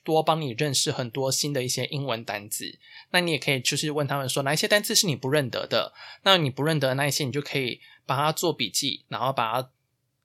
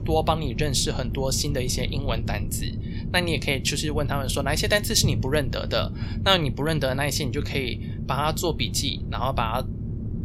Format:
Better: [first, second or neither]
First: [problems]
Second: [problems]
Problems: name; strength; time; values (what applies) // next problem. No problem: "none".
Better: first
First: none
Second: low rumble; noticeable; throughout; 15 dB below the speech